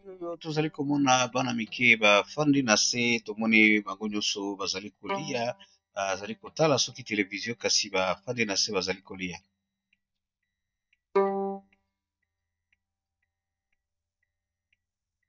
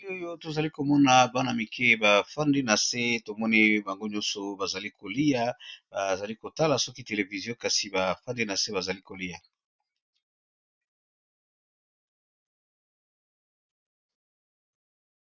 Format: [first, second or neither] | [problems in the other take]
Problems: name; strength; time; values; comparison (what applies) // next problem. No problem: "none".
second | noise reduction (neural mask model DeepFilterNet 3)